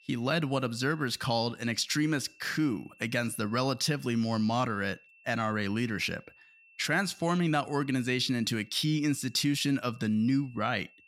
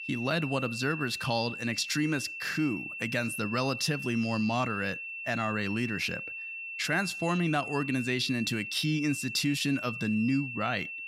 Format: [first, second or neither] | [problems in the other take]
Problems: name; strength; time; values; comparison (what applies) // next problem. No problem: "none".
first | high-pitched whine; loud; throughout; 2.5 kHz, 6 dB below the speech; faint in the first